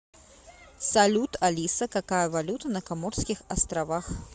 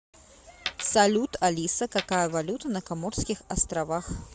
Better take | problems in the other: first | background sound (Coin (dropping)); 13 dB below the speech

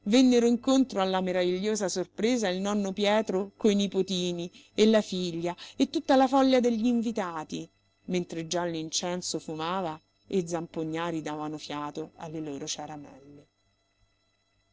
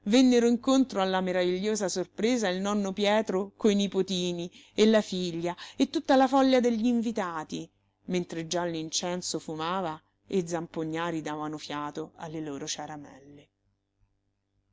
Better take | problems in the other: second | noise reduction (neural separator model SepFormer DNS4)

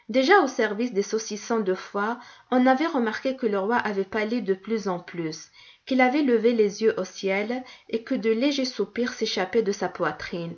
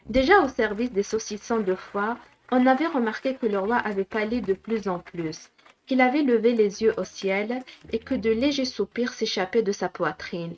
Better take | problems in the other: first | noise reduction (neural mask model RNNoise)

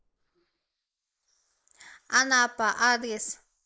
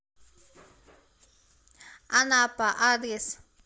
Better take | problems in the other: second | noise reduction (neural mask model Resemble Enhance denoiser)

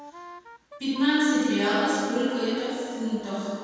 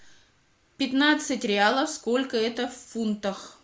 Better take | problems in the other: second | background sound (Wind instrument, woodwind instrument); 20 dB below the speech // room echo; dies away in 2 s

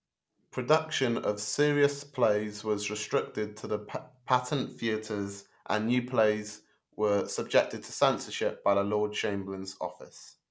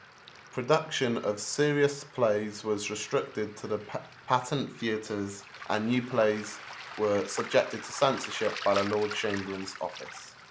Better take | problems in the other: first | background sound (Waves, surf); 14 dB below the speech

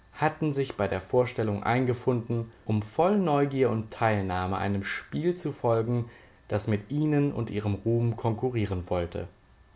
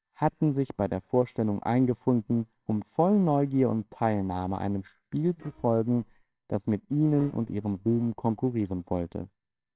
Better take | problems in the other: first | noise reduction (neural separator model SepFormer WHAMR!)

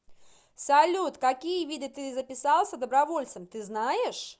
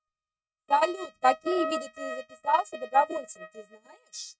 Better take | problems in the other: first | noise reduction (neural mask model RNNoise)

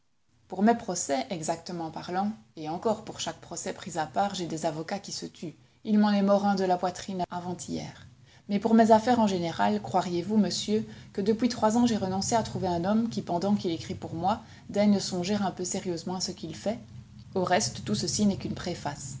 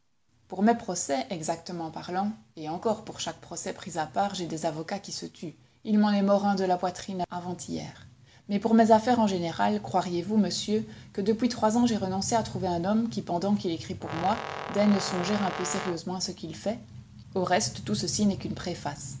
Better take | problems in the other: first | background sound (Brass instrument); 8 dB below the speech

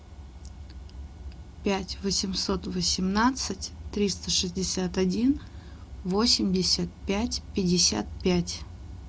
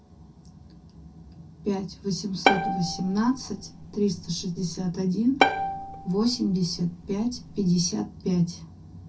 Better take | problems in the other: first | background sound (Bowed string instrument); 2 dB below the speech // room echo; dies away in 0.3 s

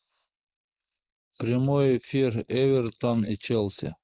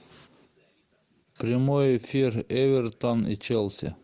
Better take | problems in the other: second | noise reduction (neural mask model Resemble Enhance denoiser)

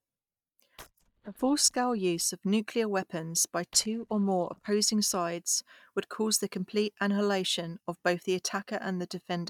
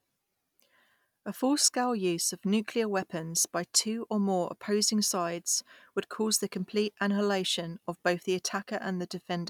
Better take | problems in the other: second | noise reduction (neural mask model DeepFilterNet 3)

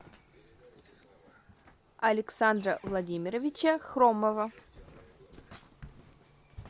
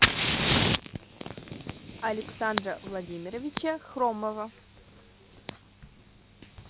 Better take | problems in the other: first | background sound (Fire); 3 dB above the speech

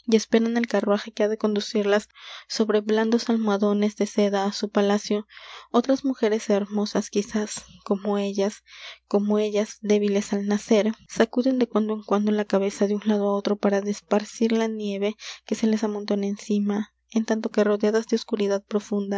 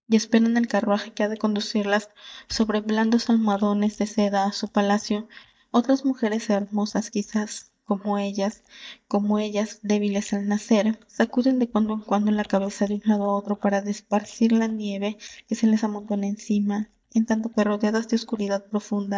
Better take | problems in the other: first | noise reduction (neural mask model DeepFilterNet 3)

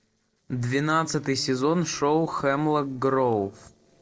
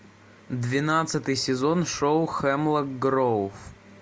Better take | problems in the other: second | noise reduction (neural separator model SepFormer DNS4)

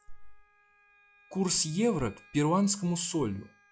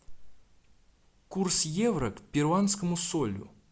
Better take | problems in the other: second | noise reduction (classical method log-MMSE)

